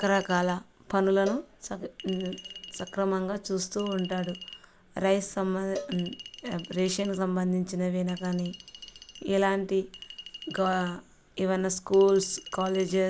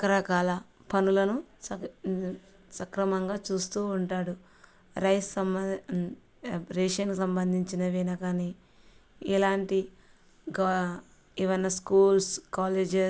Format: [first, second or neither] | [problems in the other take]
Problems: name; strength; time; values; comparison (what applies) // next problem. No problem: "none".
second | background sound (Chink, clink + Cowbell); 17 dB below the speech